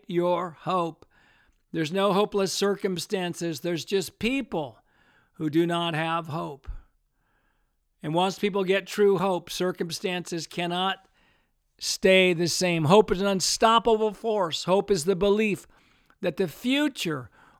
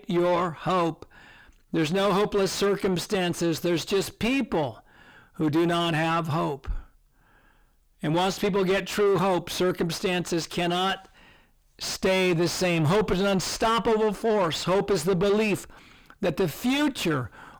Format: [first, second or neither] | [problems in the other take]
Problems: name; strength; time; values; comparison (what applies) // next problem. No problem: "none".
first | distortion; heavy; 5 dB below the speech